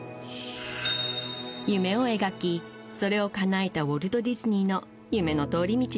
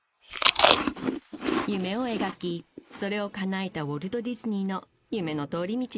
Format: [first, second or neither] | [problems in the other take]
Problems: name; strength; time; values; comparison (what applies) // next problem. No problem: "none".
first | noise reduction (neural mask model Resemble Enhance denoiser)